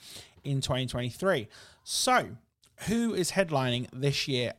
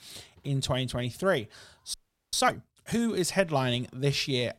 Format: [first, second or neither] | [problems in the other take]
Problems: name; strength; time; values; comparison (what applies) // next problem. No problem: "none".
first | audio freezing; at 2 s